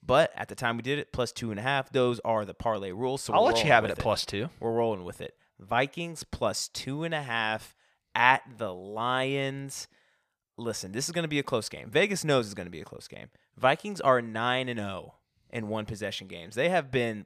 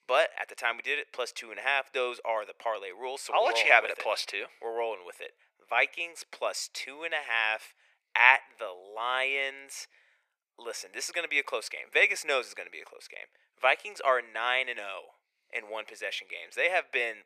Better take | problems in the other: first | thin; very; fading below 450 Hz

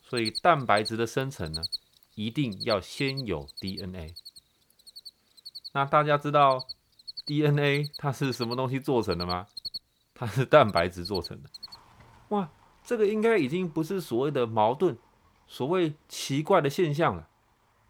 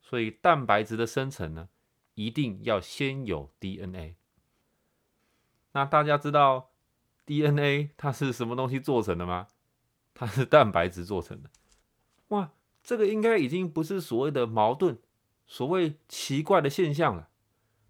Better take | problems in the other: second | animal sounds; noticeable; throughout; 10 dB below the speech

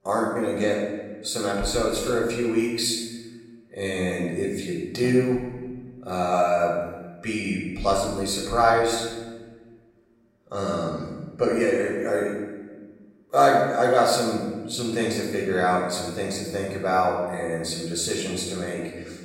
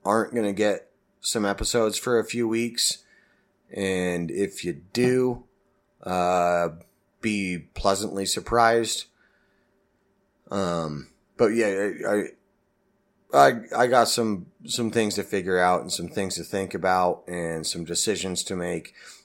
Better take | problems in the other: second | off-mic speech; far // room echo; noticeable; dies away in 1.2 s

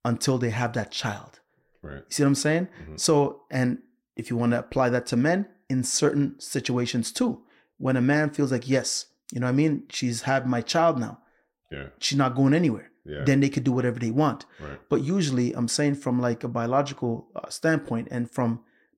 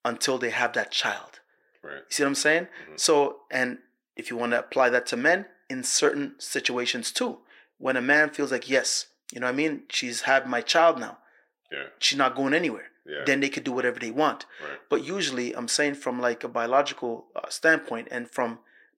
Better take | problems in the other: first | thin; somewhat; fading below 450 Hz

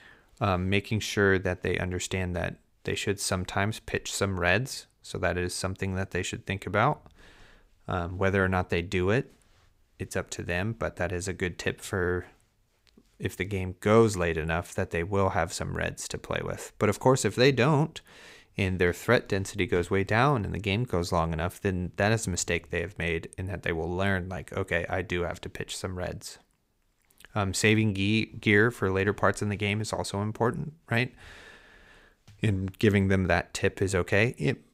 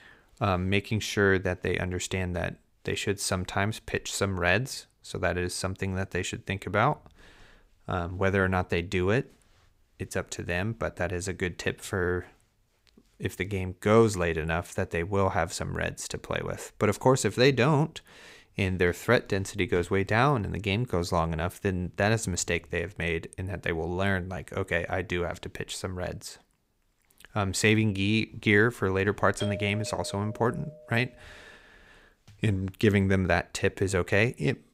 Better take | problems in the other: first | doorbell; noticeable; from 29 to 31 s; peak 9 dB below the speech

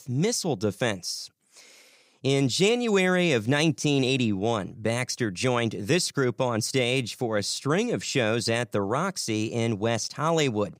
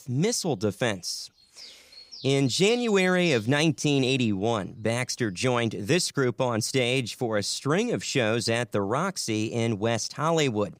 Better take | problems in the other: first | animal sounds; noticeable; throughout; 20 dB below the speech

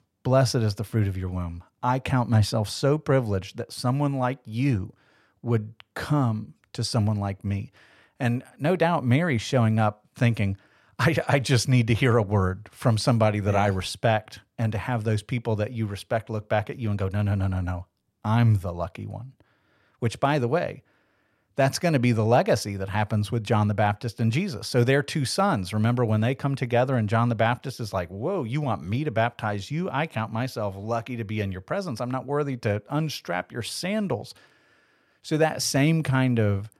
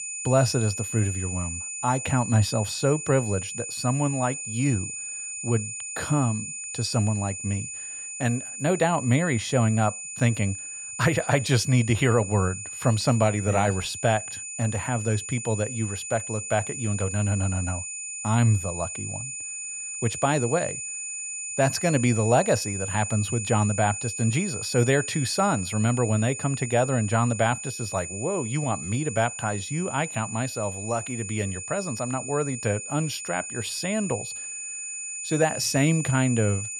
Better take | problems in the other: first | high-pitched whine; loud; throughout; 7 kHz, 6 dB below the speech

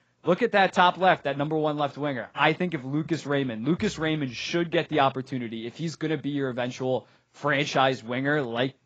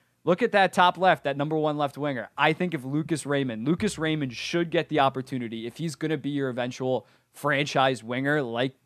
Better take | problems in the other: second | garbled, watery; badly; nothing above 7.5 kHz

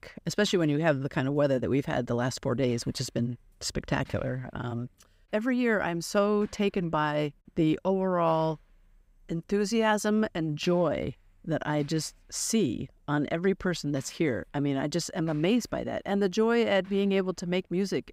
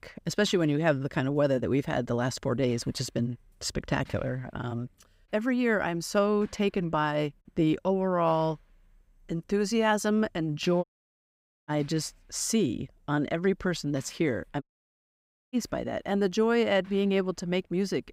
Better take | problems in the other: first | audio cutting out; at 11 s for 1 s and at 15 s for 1 s

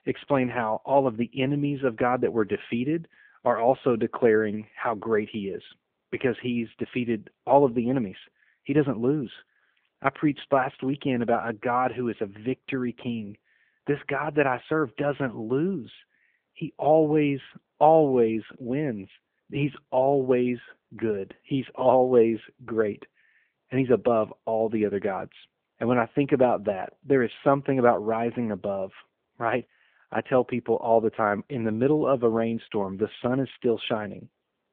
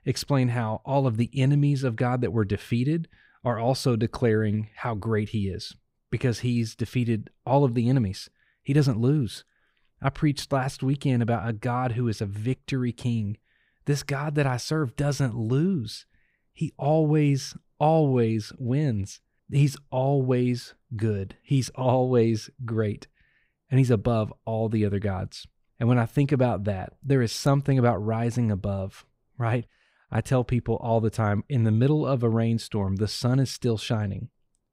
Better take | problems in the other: second | phone-call audio

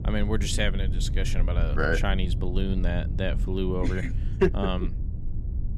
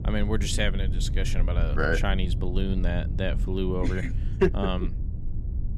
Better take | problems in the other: neither | low rumble; noticeable; throughout; 15 dB below the speech; the same in both

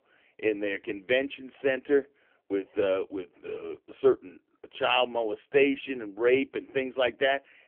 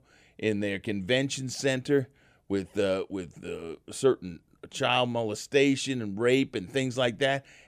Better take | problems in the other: second | phone-call audio; poor line; nothing above 3 kHz

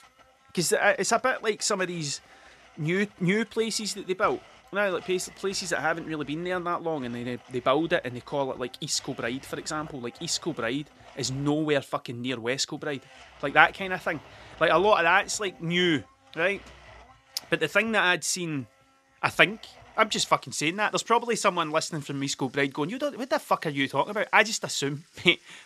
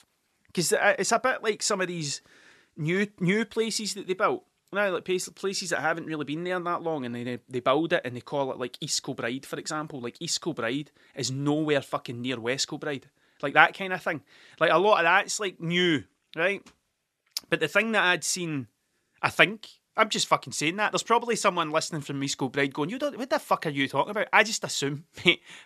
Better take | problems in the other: second | household noises; faint; throughout; 25 dB below the speech

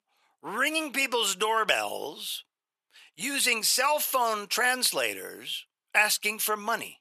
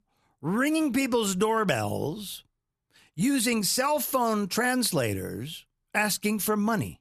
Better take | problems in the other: second | thin; very; fading below 600 Hz

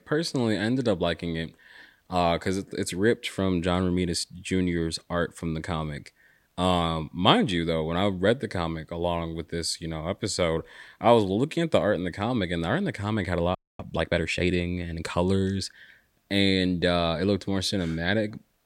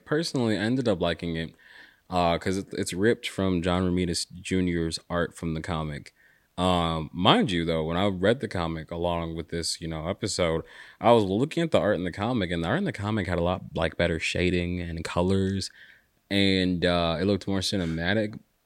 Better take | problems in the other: second | audio freezing; at 14 s

